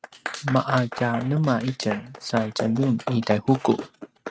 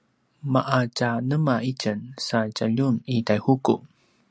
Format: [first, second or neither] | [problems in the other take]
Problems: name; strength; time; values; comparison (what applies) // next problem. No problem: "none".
second | noise reduction (neural mask model RNNoise)